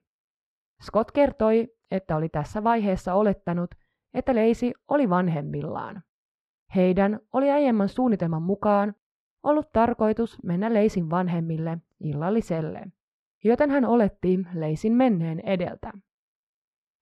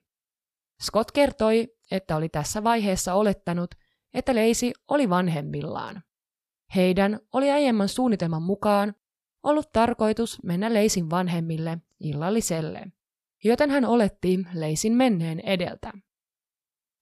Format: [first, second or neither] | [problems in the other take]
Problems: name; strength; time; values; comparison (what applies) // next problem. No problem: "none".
second | muffled; very; fading above 3.5 kHz